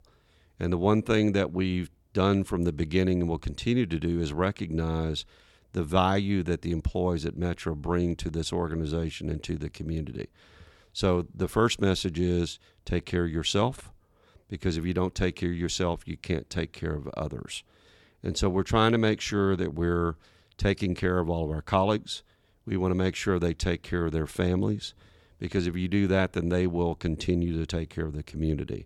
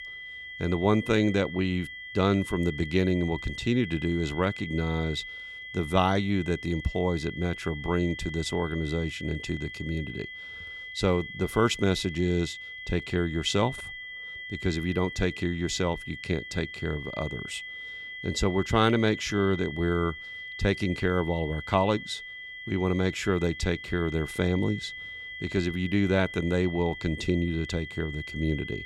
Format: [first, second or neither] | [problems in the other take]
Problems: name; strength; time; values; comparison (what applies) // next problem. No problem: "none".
first | high-pitched whine; loud; throughout; 2 kHz, 10 dB below the speech